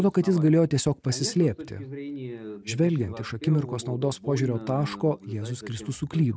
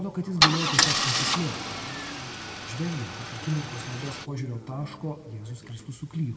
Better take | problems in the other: first | background sound (Idling / Engine starting / Car); 3 dB above the speech // room echo; dies away in 1.6 s

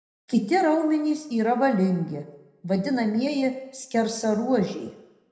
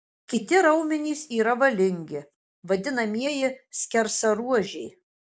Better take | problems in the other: second | room echo; dies away in 0.7 s

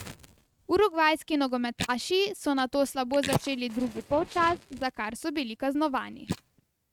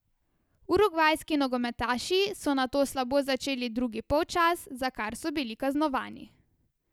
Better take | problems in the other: second | noise reduction (neural mask model RNNoise)

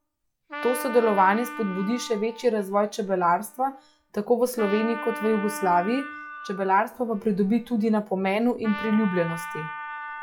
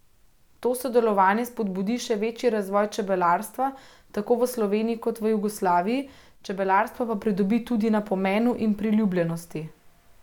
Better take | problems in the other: second | noise reduction (classical method log-MMSE)

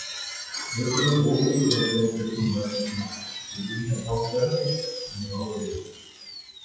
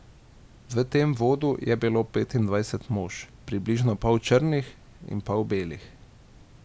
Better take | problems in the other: second | noise reduction (classical method WPE with log-MMSE)

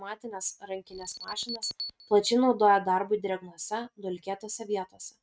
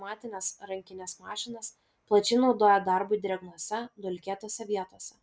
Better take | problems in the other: second | noise reduction (neural mask model RNNoise)

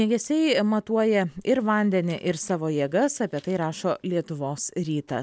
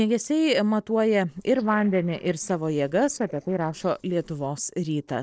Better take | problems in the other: first | noise reduction (neural separator model SepFormer DNS4)

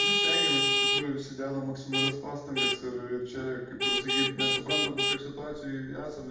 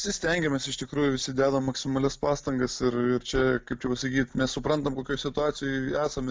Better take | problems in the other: second | background sound (Vehicle horn, car horn, honking); 5 dB above the speech // room echo; dies away in 0.8 s

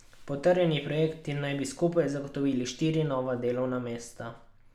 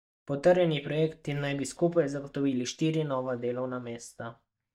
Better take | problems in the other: first | noise reduction (neural mask model DeepFilterNet 3)

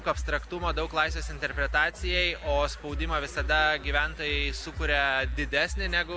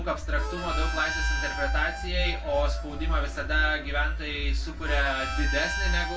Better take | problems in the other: first | background sound (Harmonica); 9 dB below the speech // room echo; dies away in 0.2 s

